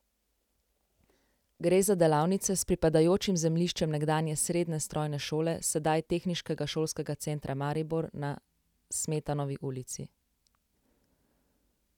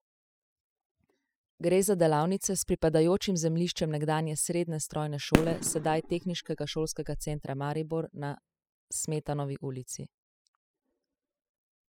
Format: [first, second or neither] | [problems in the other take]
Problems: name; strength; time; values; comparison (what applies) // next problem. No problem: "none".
first | noise reduction (classical method spectral subtraction)